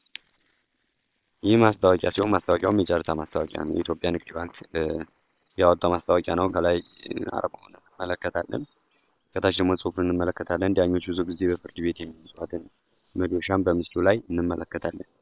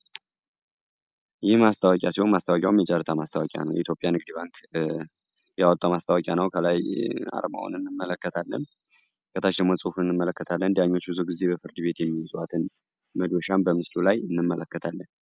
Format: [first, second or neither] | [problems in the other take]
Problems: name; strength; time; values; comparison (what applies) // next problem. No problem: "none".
second | noise reduction (neural separator model SepFormer WHAM!)